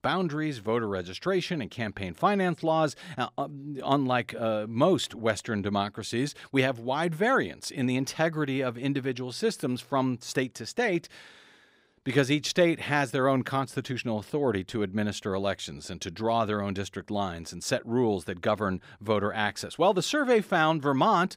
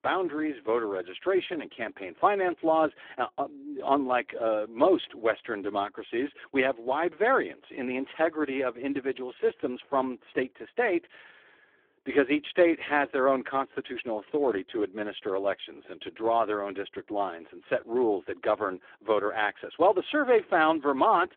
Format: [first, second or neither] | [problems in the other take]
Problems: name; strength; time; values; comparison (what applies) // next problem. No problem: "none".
first | phone-call audio; poor line